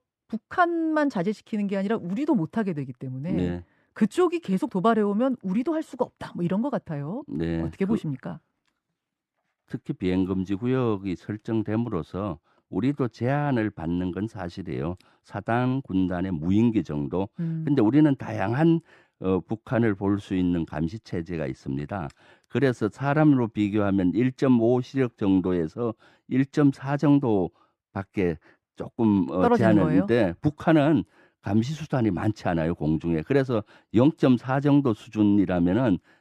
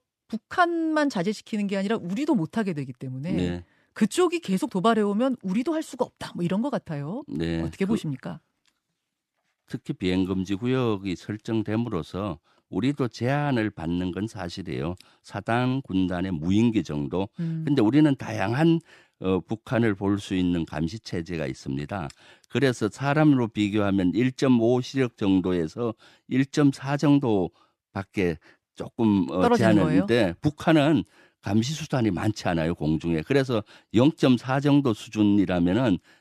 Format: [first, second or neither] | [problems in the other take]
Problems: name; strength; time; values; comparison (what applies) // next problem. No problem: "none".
second | muffled; slightly; fading above 2.5 kHz